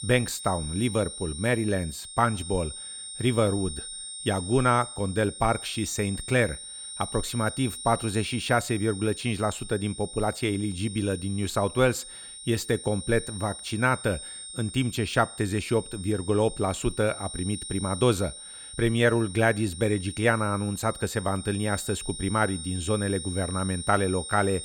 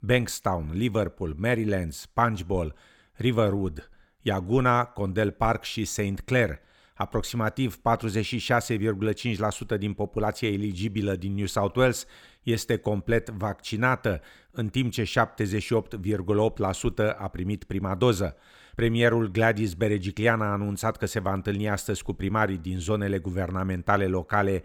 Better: second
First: high-pitched whine; loud; throughout; 9 kHz, 10 dB below the speech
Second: none

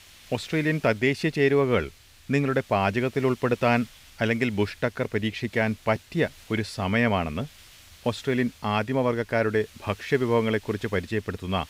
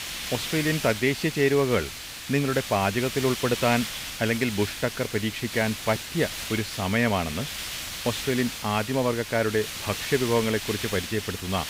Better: first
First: hiss; faint; throughout; 25 dB below the speech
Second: hiss; loud; throughout; 6 dB below the speech

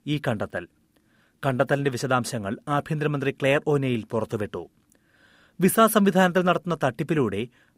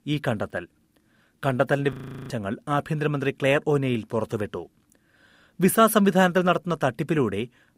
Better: first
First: none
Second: audio freezing; at 2 s

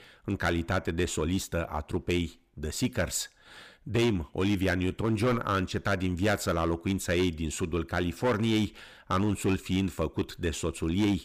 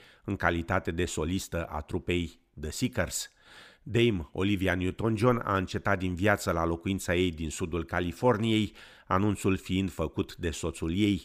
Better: second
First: distortion; slight; 6% of the sound clipped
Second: none

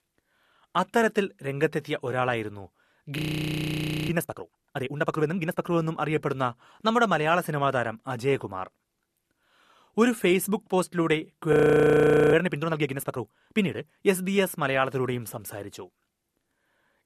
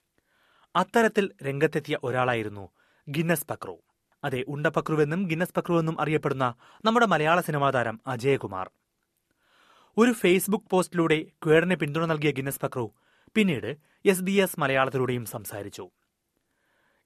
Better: second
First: audio freezing; at 3 s for 1 s and at 12 s for 1 s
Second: none

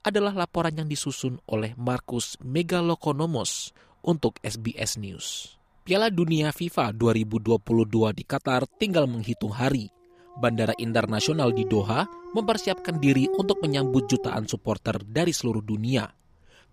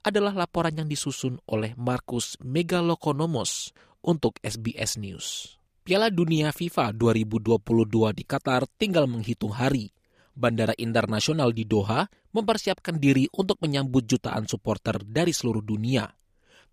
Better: second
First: animal sounds; loud; throughout; 8 dB below the speech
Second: none

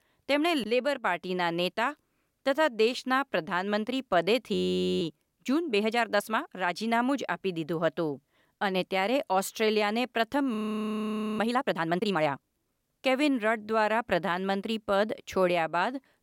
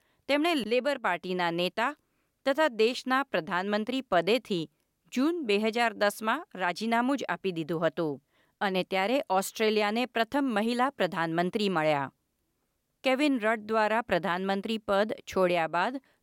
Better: second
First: audio freezing; at 4.5 s and at 11 s for 1 s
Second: none

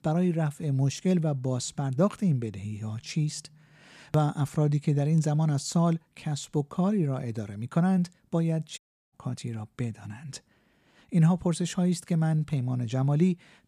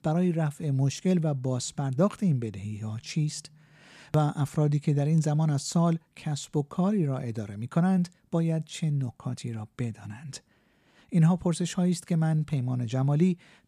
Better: second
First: audio cutting out; at 9 s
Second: none

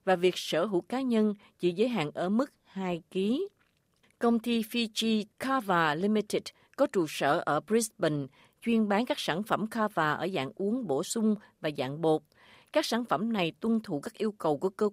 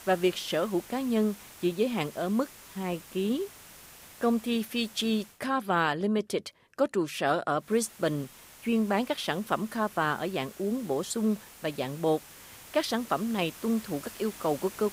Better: first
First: none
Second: hiss; noticeable; until 5.5 s and from 7.5 s on; 15 dB below the speech

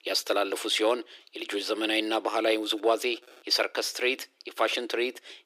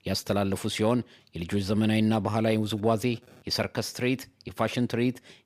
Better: second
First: thin; very; fading below 300 Hz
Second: none

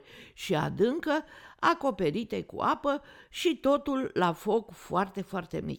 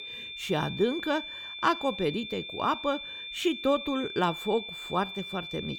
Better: first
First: none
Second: high-pitched whine; loud; throughout; 3.5 kHz, 7 dB below the speech

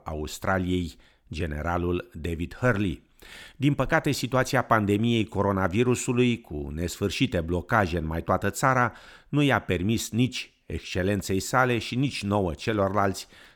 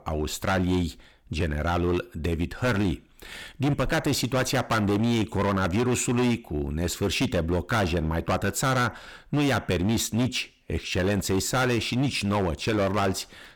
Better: first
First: none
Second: distortion; heavy; 16% of the sound clipped

